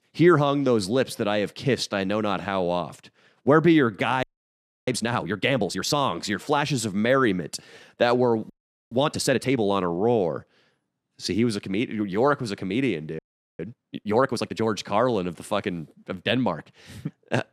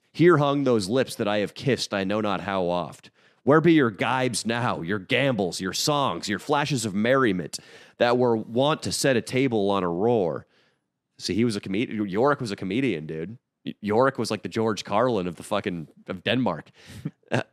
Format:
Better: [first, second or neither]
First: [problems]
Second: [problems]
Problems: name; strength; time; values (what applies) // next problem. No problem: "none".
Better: second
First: audio freezing; at 4 s for 0.5 s, at 8.5 s and at 13 s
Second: none